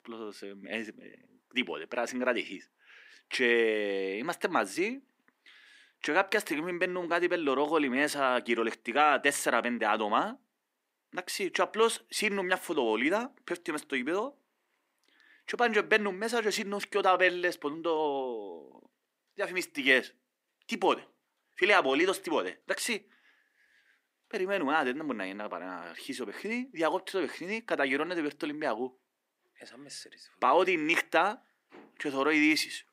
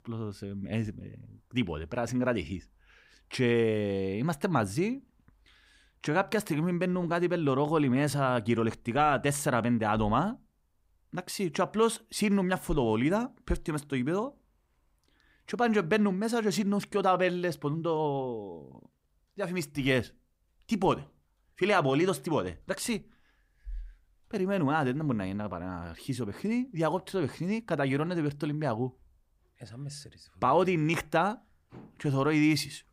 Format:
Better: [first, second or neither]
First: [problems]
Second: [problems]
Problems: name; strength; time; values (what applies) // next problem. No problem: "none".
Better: second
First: thin; somewhat; fading below 300 Hz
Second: none